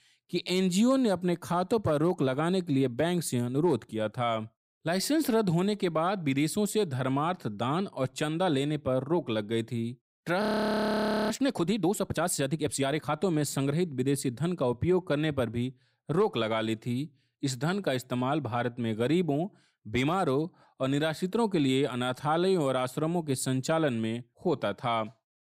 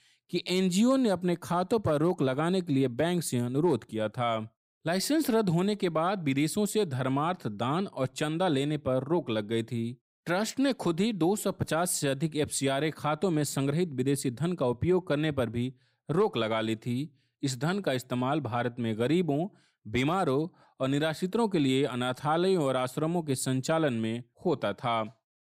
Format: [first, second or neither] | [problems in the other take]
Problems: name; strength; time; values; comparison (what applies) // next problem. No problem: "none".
second | audio freezing; at 10 s for 1 s